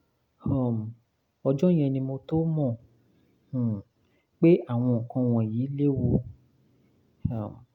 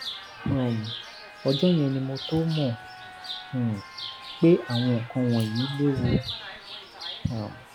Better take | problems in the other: first | background sound (Chirp, tweet); 12 dB below the speech

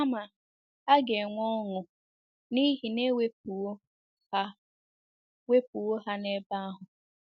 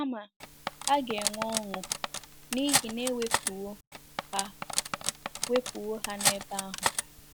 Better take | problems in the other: first | background sound (Cutlery, silverware); 1 dB above the speech

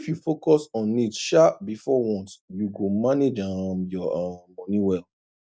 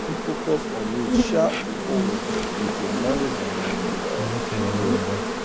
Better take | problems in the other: first | background sound (Insect); 3 dB above the speech

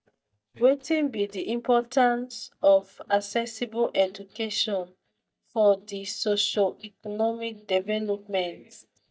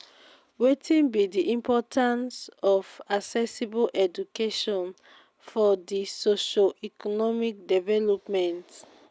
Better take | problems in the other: second | noise reduction (neural mask model DeepFilterNet 3)

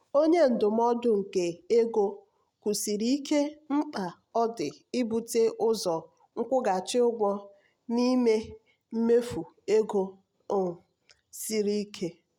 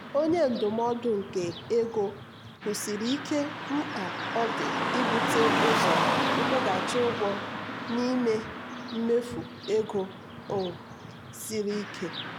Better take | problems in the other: first | background sound (Car passing by / Traffic noise, roadway noise); 2 dB below the speech

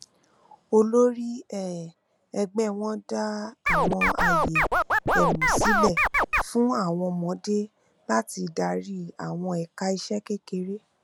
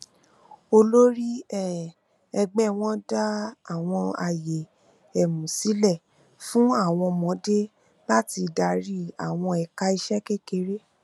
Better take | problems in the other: second | background sound (Scratching (performance technique)); 5 dB above the speech

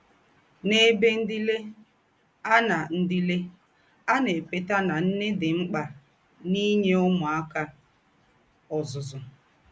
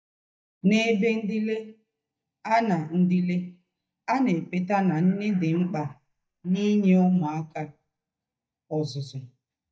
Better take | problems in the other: first | noise reduction (neural mask model DeepFilterNet 3)

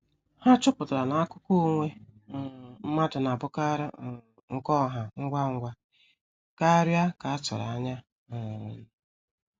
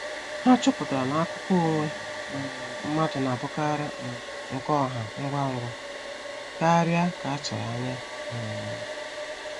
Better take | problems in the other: first | background sound (Domestic sounds, home sounds); 8 dB below the speech

